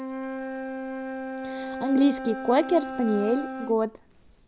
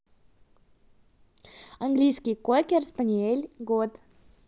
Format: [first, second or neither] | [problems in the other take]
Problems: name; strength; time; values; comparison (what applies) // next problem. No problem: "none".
second | background sound (Wind instrument, woodwind instrument); 7 dB below the speech